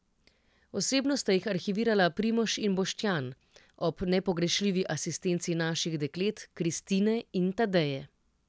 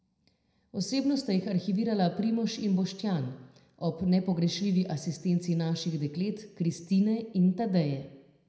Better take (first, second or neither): first